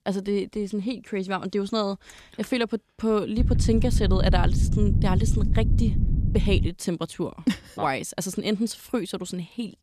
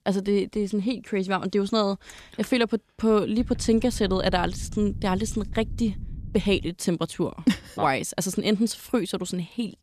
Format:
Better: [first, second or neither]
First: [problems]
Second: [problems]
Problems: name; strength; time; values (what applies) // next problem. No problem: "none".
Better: second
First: low rumble; loud; from 3.5 to 6.5 s; 8 dB below the speech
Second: low rumble; faint; from 3.5 to 6.5 s; 25 dB below the speech